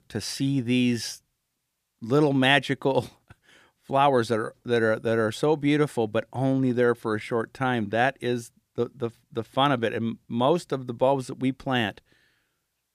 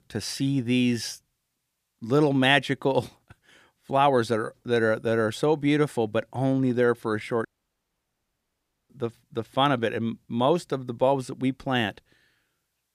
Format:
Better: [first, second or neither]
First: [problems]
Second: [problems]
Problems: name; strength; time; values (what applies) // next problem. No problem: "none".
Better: first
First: none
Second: audio cutting out; at 7.5 s for 1.5 s